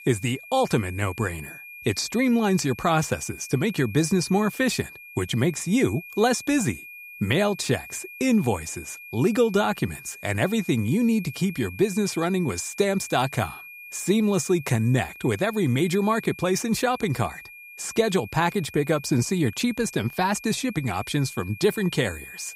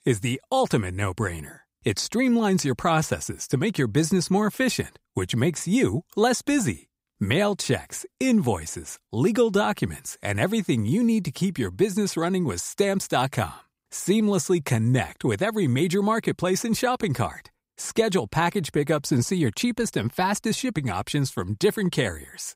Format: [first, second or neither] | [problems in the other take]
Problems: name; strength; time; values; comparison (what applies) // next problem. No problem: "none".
second | high-pitched whine; noticeable; throughout; 2.5 kHz, 15 dB below the speech